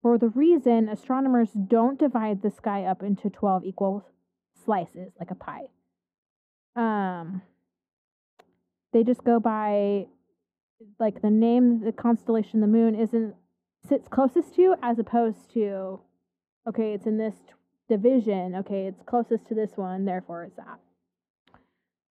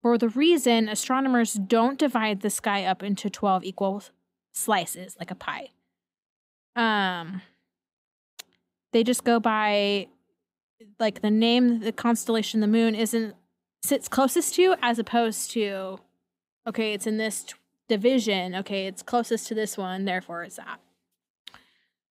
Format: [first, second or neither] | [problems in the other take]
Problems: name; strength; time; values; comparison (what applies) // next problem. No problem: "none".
second | muffled; very; fading above 2 kHz